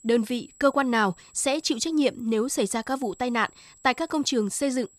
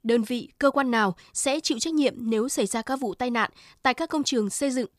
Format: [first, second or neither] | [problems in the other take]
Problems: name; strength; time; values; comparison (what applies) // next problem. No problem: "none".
second | high-pitched whine; faint; throughout; 7.5 kHz, 30 dB below the speech